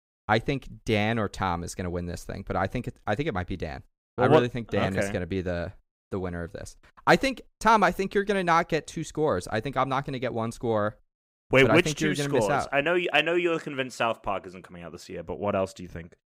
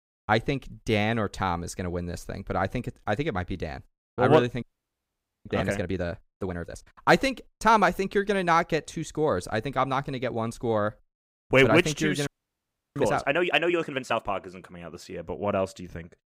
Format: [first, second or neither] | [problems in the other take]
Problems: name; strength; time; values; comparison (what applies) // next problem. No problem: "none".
first | audio freezing; at 4.5 s for 1 s and at 12 s for 0.5 s